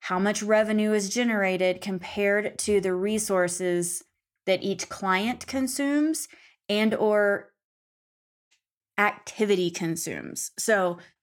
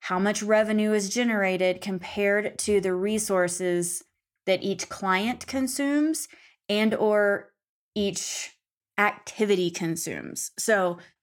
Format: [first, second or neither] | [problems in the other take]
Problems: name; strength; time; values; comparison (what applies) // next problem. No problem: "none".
second | audio cutting out; at 7.5 s for 1 s